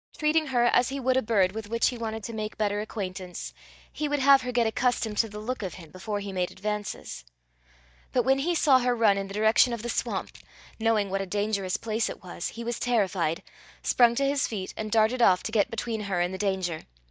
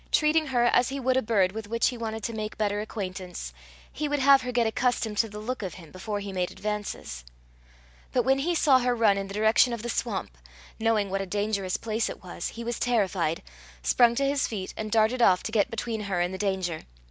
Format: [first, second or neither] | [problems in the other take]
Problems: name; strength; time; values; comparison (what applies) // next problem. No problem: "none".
second | noise reduction (neural mask model DeepFilterNet 3)